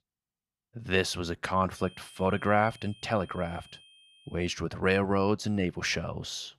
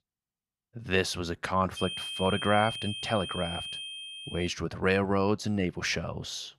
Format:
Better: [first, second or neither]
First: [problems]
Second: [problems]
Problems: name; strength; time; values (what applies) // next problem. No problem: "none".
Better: first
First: high-pitched whine; faint; from 2 to 4.5 s; 3 kHz, 25 dB below the speech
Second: high-pitched whine; loud; from 2 to 4.5 s; 3 kHz, 6 dB below the speech